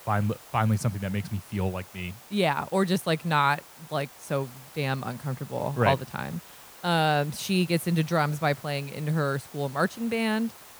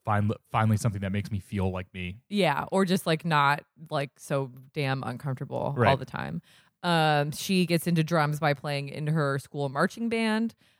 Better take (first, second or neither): second